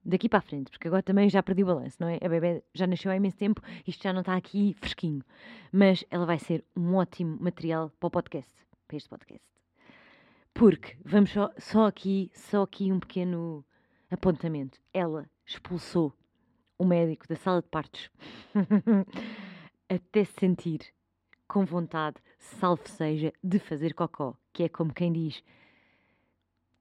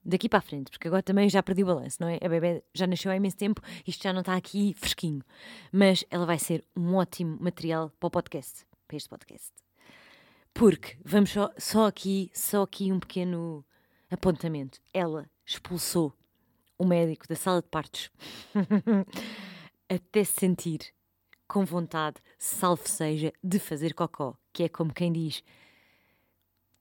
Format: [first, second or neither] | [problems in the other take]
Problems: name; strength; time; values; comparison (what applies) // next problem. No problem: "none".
second | muffled; slightly; fading above 3 kHz